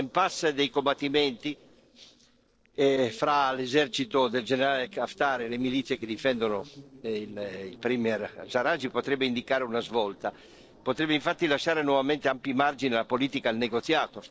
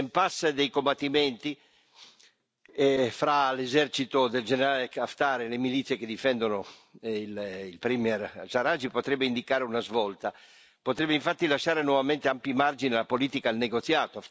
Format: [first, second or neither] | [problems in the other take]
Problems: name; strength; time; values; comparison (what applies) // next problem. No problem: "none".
second | noise reduction (neural separator model SepFormer DNS4)